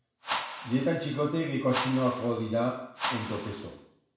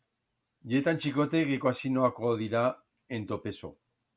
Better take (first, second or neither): second